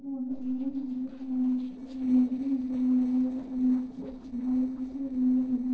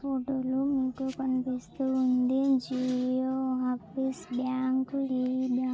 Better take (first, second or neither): second